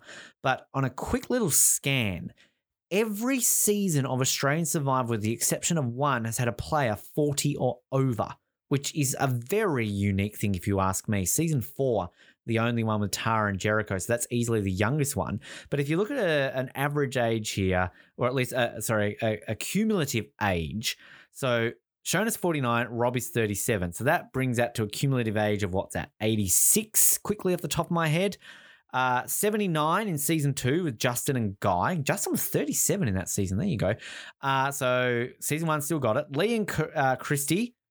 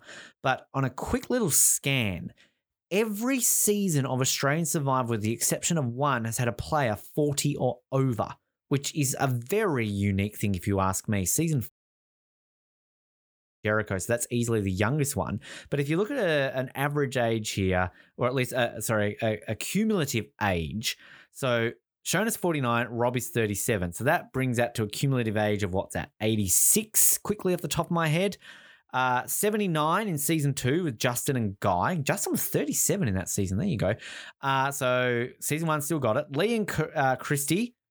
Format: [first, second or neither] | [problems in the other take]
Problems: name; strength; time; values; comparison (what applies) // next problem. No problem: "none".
first | audio cutting out; at 12 s for 2 s